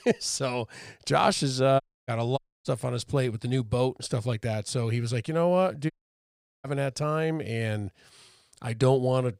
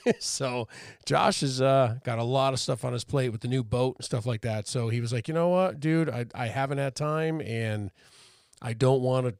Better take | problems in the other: second | audio cutting out; at 2 s, at 2.5 s and at 6 s for 0.5 s

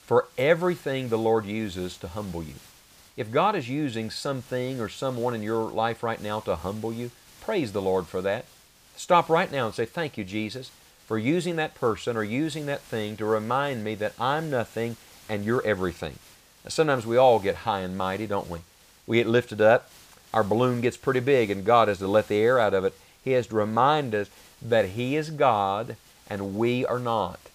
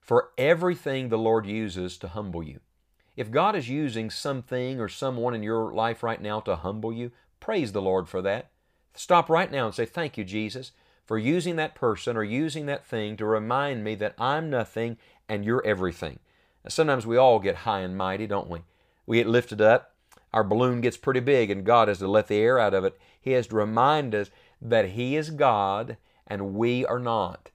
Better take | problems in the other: second | hiss; faint; throughout; 25 dB below the speech

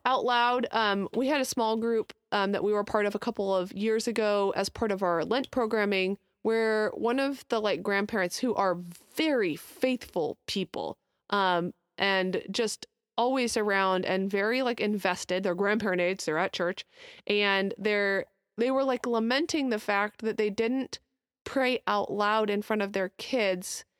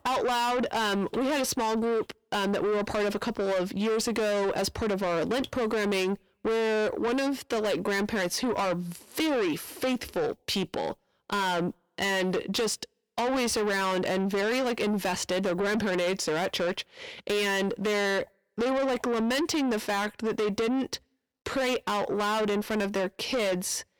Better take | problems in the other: first | distortion; heavy; 7 dB below the speech

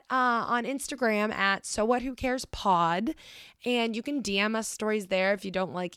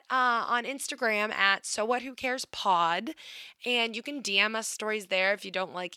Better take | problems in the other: first | thin; very slightly; fading below 550 Hz

